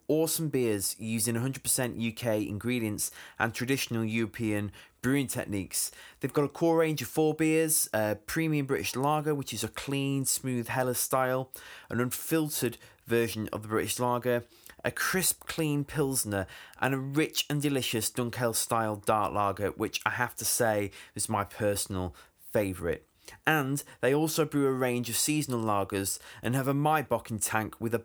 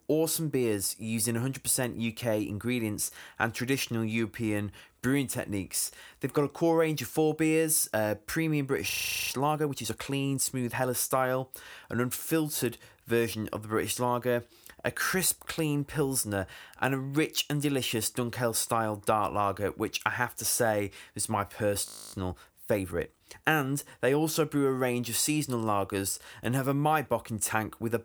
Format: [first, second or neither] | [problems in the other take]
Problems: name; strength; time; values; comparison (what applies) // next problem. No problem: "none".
first | audio freezing; at 9 s and at 22 s